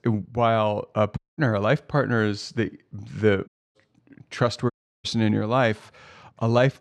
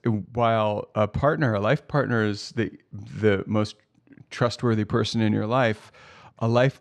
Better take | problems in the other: second | audio cutting out; at 1 s, at 3.5 s and at 4.5 s

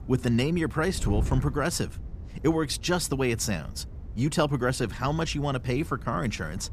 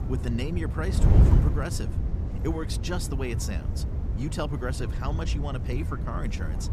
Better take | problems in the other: first | wind noise on the microphone; heavy; 5 dB below the speech; occasional gusts in the first

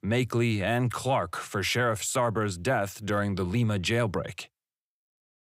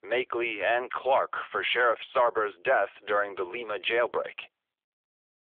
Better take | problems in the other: first | phone-call audio; nothing above 3.5 kHz

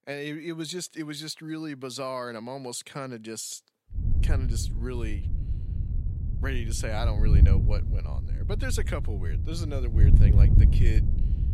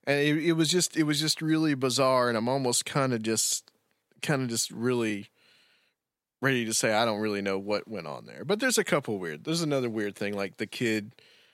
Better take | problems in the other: second | wind noise on the microphone; heavy; from 4 s on; 5 dB below the speech

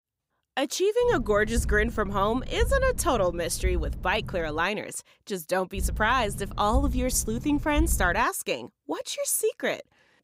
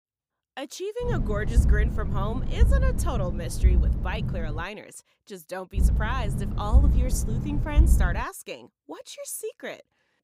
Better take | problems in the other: first | low rumble; loud; from 1 to 4.5 s and from 6 to 8 s; 7 dB below the speech; faint in the first

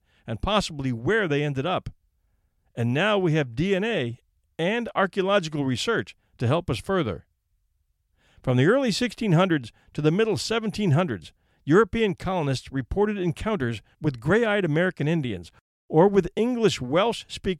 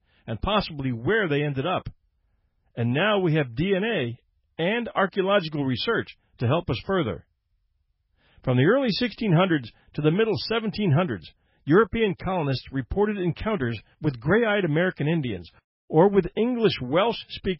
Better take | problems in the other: first | garbled, watery; badly; nothing above 5.5 kHz

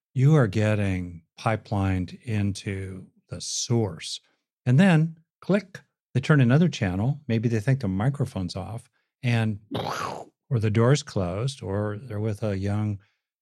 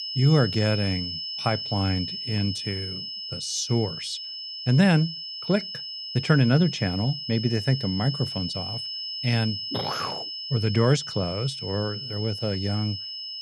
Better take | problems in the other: first | high-pitched whine; loud; throughout; 5 kHz, 6 dB below the speech

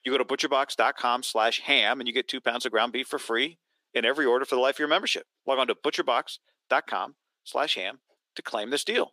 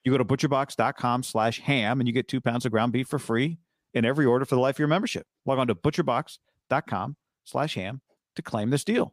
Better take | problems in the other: second | thin; somewhat; fading below 350 Hz

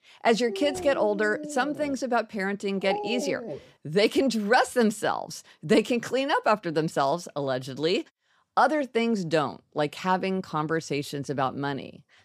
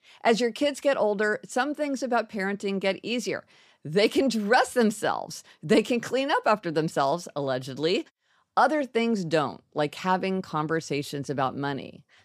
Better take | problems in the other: second | dog barking; noticeable; until 3.5 s; peak 5 dB below the speech

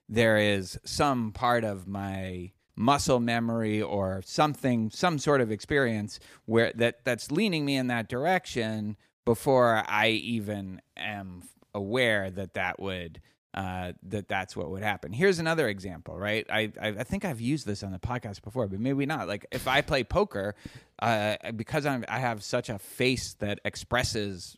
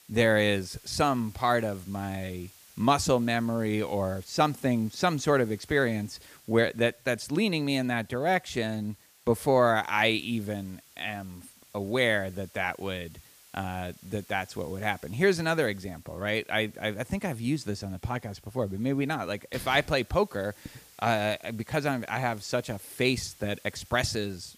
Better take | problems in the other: first | hiss; faint; throughout; 25 dB below the speech

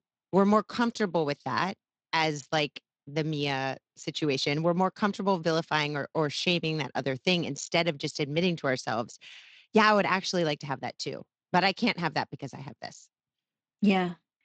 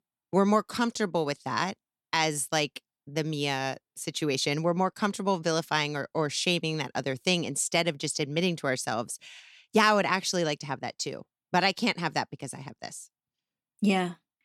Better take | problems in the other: second | garbled, watery; slightly; nothing above 7.5 kHz

